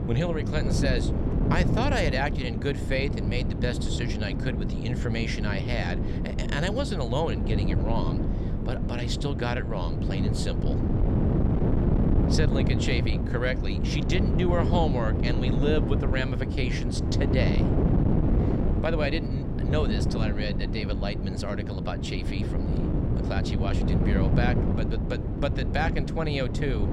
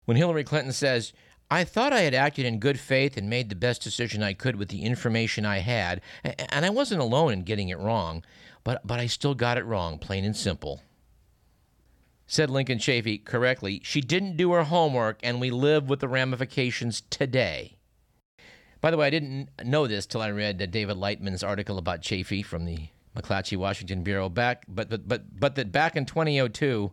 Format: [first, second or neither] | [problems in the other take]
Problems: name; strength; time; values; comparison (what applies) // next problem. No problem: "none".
second | wind noise on the microphone; heavy; 3 dB below the speech